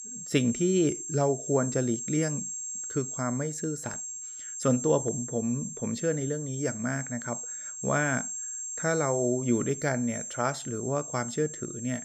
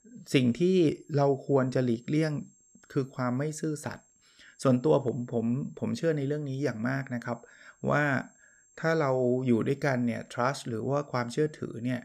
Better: second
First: high-pitched whine; loud; throughout; 7.5 kHz, 5 dB below the speech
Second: high-pitched whine; faint; throughout; 7.5 kHz, 35 dB below the speech

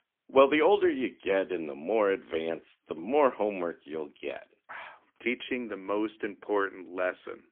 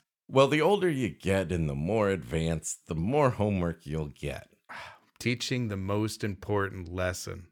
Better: second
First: phone-call audio; poor line; nothing above 3.5 kHz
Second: none

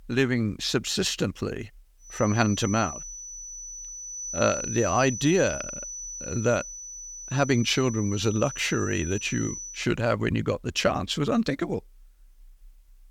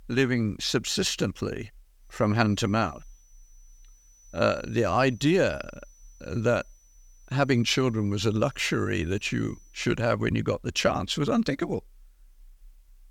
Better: second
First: high-pitched whine; loud; from 2 to 10 s; 6 kHz, 9 dB below the speech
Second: high-pitched whine; faint; from 2 to 10 s; 6 kHz, 30 dB below the speech

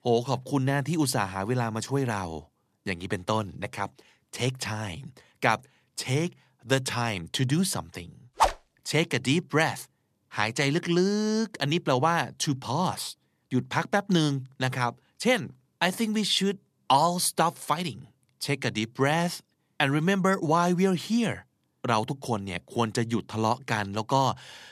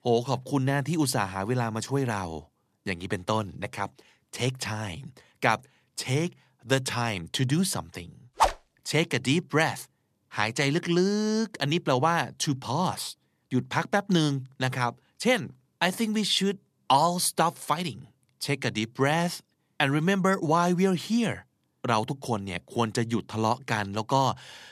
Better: neither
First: none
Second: none

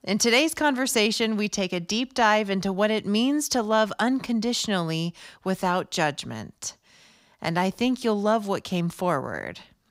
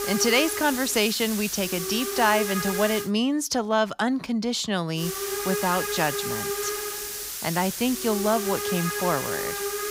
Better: first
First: none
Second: hiss; loud; until 3 s and from 5 s on; 4 dB below the speech

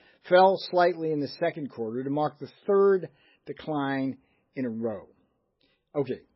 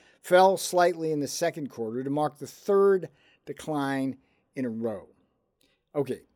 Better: second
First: garbled, watery; badly; nothing above 5.5 kHz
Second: none

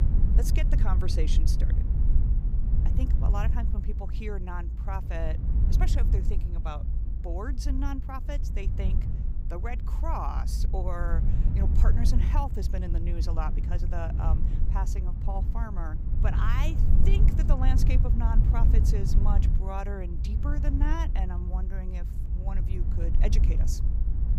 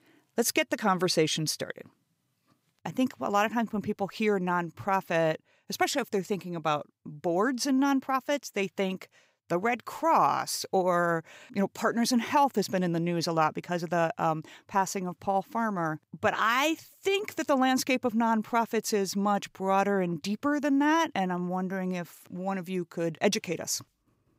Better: second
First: low rumble; loud; throughout; 6 dB below the speech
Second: none

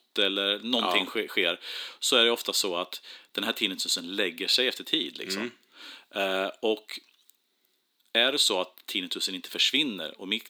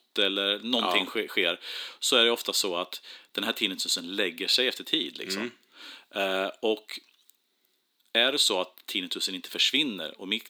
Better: neither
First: thin; somewhat; fading below 300 Hz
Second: thin; somewhat; fading below 300 Hz

